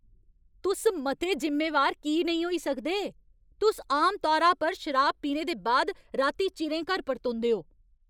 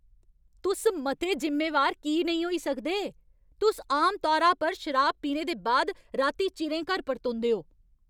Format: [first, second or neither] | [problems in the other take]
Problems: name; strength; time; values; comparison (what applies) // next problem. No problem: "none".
second | noise reduction (neural mask model Resemble Enhance denoiser)